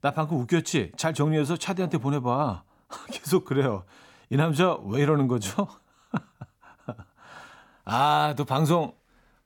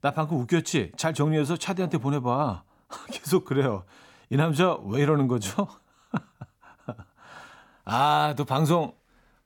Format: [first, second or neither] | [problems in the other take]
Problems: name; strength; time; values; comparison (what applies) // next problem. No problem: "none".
neither | none